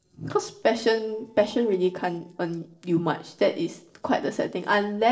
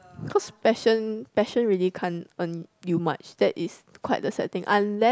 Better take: second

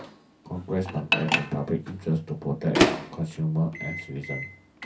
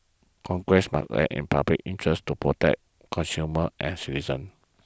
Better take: second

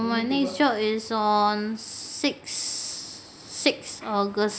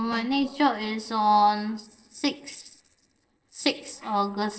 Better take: first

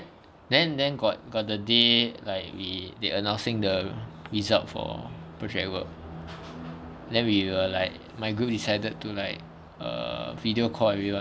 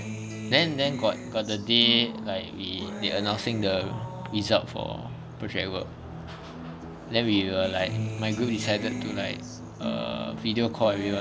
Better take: first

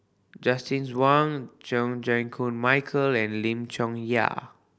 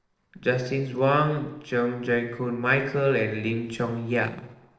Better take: first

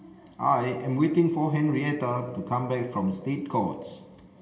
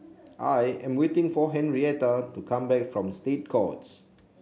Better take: second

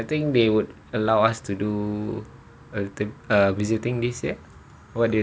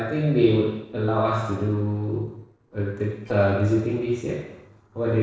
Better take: first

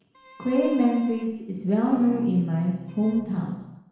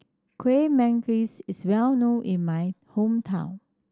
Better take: second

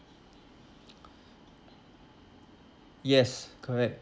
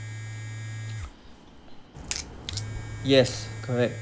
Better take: first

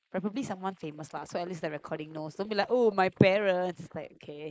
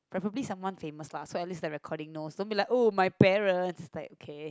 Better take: second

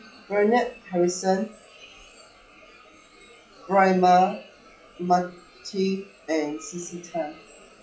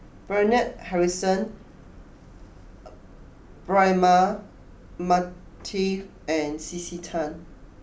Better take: second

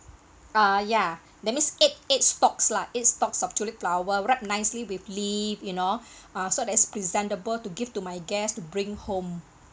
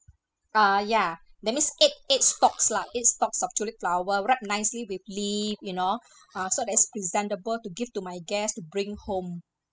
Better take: first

